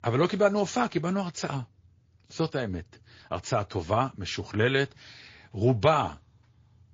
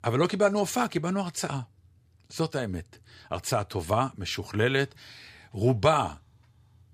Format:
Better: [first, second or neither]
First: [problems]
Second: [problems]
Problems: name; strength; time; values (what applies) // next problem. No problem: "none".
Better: second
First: garbled, watery; slightly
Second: none